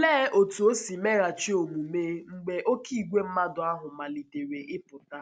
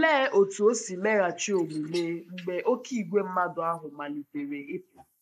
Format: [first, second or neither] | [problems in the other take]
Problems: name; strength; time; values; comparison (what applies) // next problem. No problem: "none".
first | noise reduction (neural mask model Resemble Enhance denoiser)